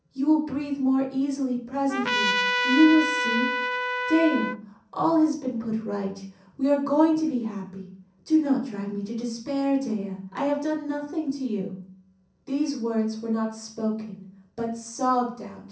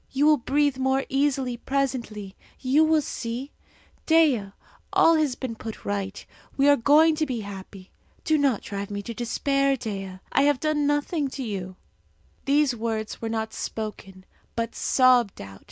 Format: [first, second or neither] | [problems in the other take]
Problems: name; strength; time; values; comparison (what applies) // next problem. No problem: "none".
second | background sound (Trumpet); 1 dB below the speech // room echo; dies away in 0.6 s